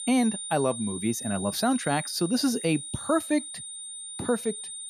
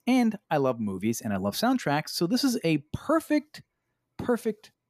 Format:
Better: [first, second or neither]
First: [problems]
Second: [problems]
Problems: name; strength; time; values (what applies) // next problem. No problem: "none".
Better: second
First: high-pitched whine; loud; throughout; 9 kHz, 7 dB below the speech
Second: none